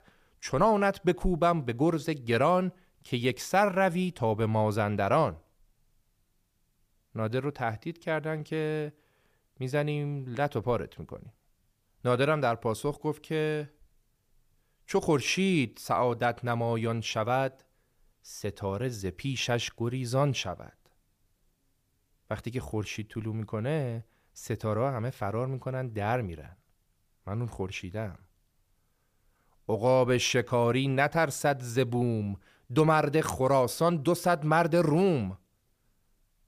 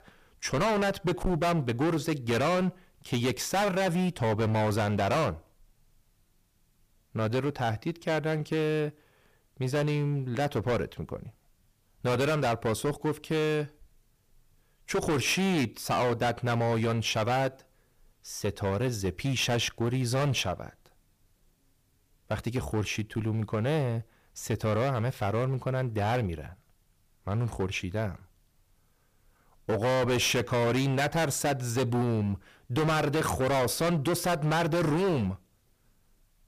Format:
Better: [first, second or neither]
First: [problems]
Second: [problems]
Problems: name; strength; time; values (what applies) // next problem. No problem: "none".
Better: first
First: none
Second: distortion; heavy; 16% of the sound clipped